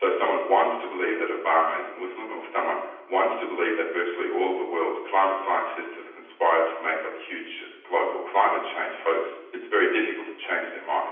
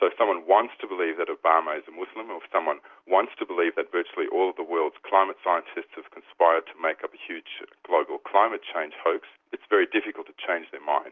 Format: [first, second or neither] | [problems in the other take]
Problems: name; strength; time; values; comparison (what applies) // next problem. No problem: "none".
second | room echo; dies away in 0.9 s